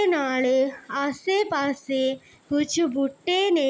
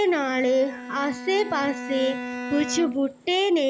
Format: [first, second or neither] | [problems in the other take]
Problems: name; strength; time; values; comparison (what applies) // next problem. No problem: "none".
first | background sound (Bowed string instrument); 11 dB below the speech